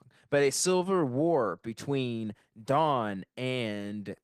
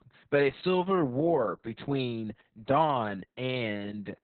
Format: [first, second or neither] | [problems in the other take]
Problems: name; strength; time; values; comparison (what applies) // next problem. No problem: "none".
first | garbled, watery; badly; nothing above 4 kHz; slightly in the first